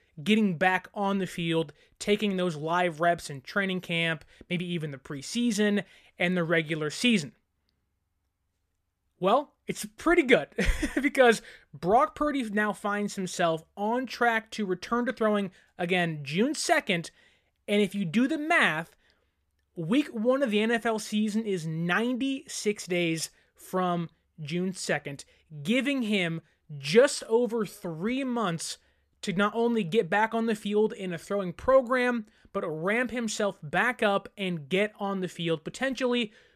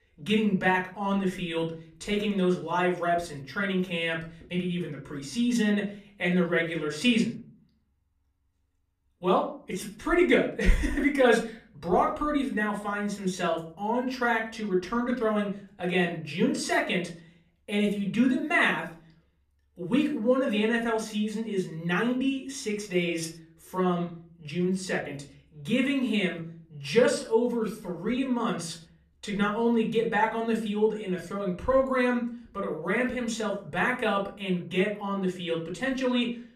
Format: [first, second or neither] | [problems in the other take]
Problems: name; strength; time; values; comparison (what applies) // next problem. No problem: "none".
first | off-mic speech; somewhat distant // room echo; very slight; dies away in 0.4 s